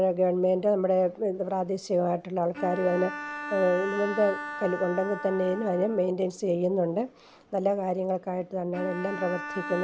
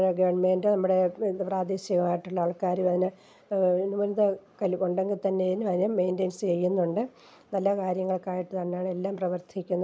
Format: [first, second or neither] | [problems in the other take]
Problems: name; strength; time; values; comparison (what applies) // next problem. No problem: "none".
second | background sound (Bowed string instrument); 12 dB below the speech